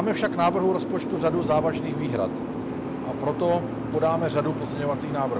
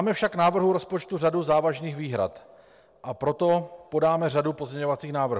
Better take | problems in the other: second | background sound (Boat, Water vehicle); 3 dB below the speech

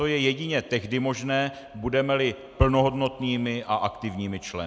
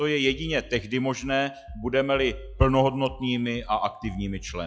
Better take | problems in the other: first | noise reduction (classical method log-MMSE)

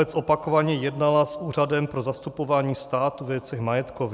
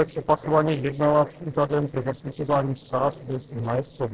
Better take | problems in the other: first | noise reduction (neural separator model SepFormer DNS4)

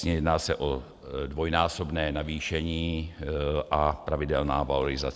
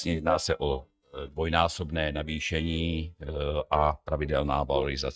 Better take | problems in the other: first | noise reduction (neural mask model DeepFilterNet 3)

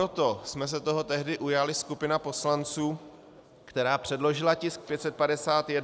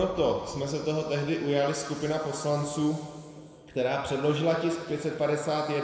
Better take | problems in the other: first | room echo; dies away in 2 s

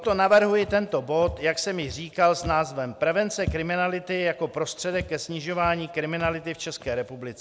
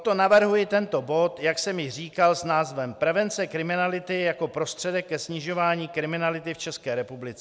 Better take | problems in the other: second | background sound (Walk, footsteps); 16 dB below the speech

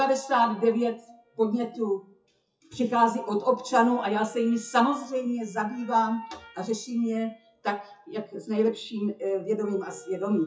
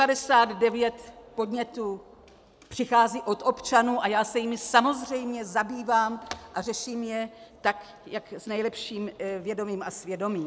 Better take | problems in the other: second | noise reduction (classical method WPE with log-MMSE)

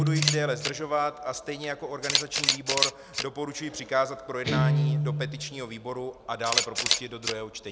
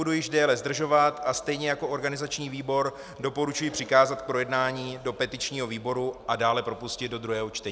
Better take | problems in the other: second | background sound (Guitar + Camera); 3 dB above the speech

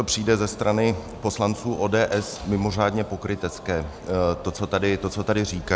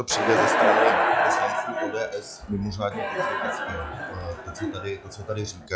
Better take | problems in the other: first | noise reduction (classical method log-MMSE)

